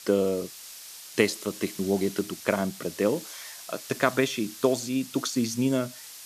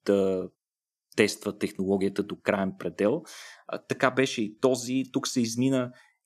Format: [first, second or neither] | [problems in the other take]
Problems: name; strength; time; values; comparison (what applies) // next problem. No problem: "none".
second | hiss; noticeable; throughout; 15 dB below the speech